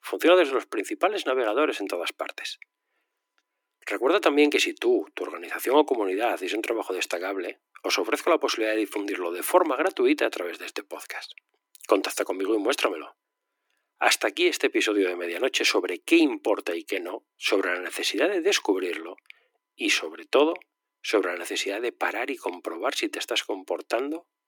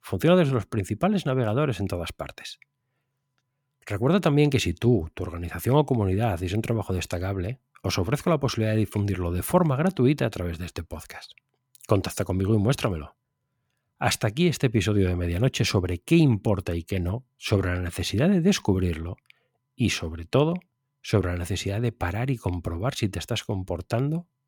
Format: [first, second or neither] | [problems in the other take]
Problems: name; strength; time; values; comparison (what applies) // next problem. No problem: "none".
second | thin; somewhat; fading below 300 Hz